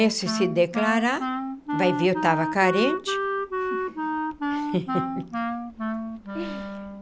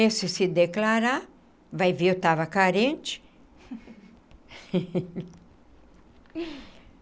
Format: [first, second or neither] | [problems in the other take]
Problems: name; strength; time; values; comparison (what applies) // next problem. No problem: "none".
second | background sound (Wind instrument, woodwind instrument); 2 dB below the speech